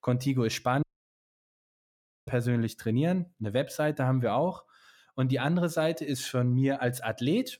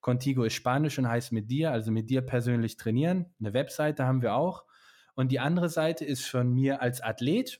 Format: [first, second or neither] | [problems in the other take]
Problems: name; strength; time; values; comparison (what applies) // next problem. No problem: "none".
second | audio cutting out; at 1 s for 1.5 s